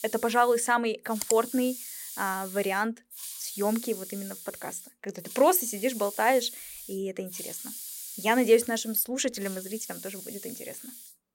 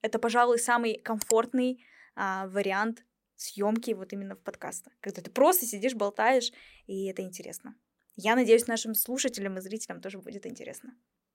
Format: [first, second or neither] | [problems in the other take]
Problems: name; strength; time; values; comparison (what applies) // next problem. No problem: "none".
second | hiss; noticeable; throughout; 10 dB below the speech